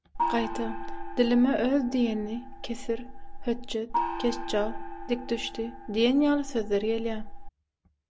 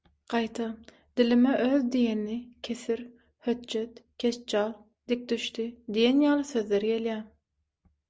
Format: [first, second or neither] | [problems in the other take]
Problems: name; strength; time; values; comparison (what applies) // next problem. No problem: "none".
second | background sound (Gong); 5 dB below the speech